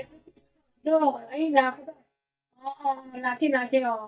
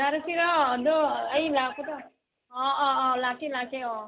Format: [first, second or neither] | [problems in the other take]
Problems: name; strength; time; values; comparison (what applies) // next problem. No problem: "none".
second | noise reduction (neural mask model DeepFilterNet 3)